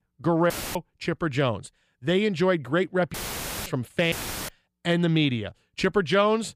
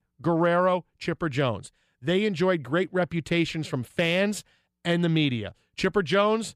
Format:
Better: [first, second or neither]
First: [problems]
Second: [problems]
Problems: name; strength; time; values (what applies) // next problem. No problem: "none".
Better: second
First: audio cutting out; filled with static; at 0.5 s, at 3 s for 0.5 s and at 4 s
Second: none